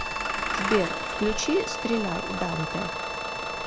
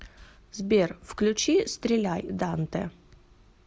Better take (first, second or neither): second